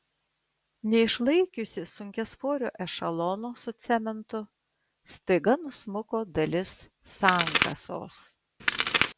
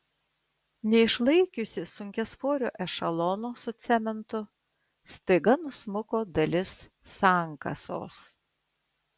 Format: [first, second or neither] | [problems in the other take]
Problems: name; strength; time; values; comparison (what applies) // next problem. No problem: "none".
second | background sound (Crack); 3 dB above the speech